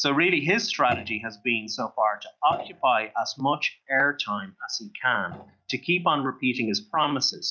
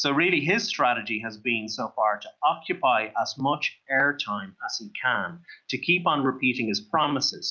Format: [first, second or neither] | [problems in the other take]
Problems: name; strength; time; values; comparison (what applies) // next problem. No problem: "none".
second | noise reduction (neural mask model DeepFilterNet 3)